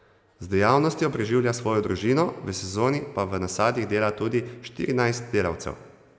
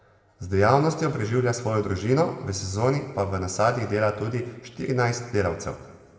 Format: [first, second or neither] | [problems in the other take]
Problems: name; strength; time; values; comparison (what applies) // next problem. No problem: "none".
first | room echo; dies away in 1.2 s